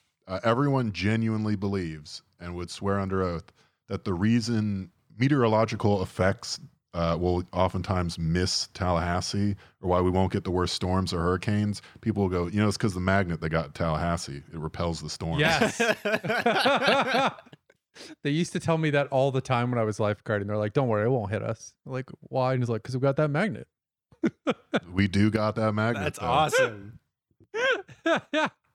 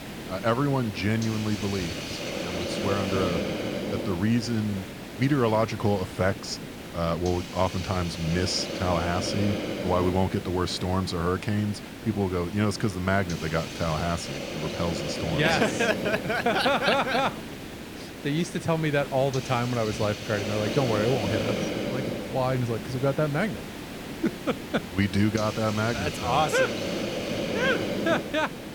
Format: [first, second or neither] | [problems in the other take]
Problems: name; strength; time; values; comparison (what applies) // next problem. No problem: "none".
first | hiss; loud; throughout; 6 dB below the speech